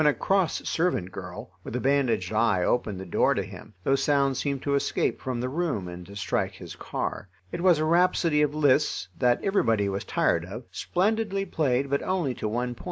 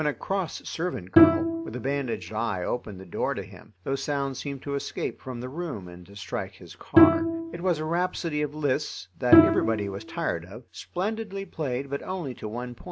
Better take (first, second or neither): first